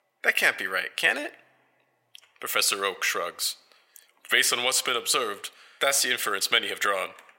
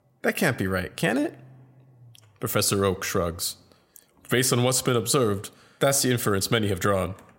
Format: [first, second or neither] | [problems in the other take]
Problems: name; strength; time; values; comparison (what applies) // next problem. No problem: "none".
second | thin; very; fading below 600 Hz